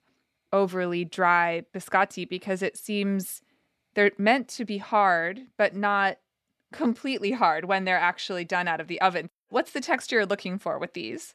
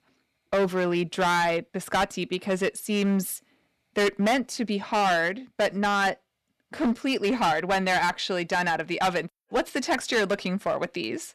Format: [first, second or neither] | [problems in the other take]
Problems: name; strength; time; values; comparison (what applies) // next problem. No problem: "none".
first | distortion; heavy; 10% of the sound clipped